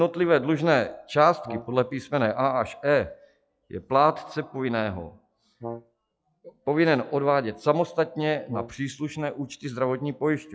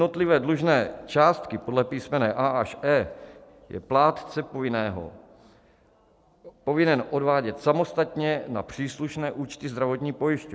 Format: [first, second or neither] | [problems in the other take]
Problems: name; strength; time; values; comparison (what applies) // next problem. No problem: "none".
second | noise reduction (classical method log-MMSE)